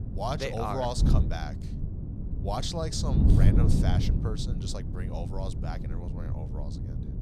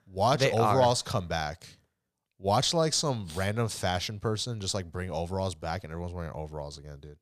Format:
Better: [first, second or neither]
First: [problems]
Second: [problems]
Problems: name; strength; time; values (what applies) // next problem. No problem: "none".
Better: second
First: wind noise on the microphone; heavy; 5 dB below the speech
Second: none